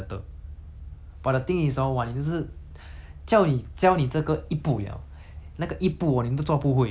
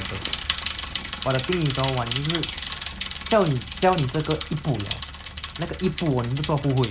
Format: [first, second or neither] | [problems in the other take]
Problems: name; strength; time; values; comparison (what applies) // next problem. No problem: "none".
first | background sound (Bicycle); 8 dB below the speech